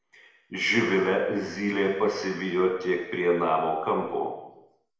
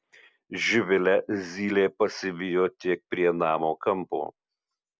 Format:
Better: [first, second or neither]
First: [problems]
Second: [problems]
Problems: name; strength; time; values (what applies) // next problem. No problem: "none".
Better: second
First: room echo; dies away in 1 s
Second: none